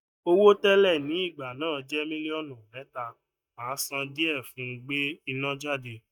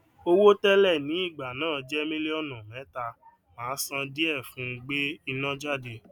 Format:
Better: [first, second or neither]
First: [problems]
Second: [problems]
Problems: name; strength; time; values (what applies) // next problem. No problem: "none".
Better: second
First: noise reduction (neural mask model DeepFilterNet 3)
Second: none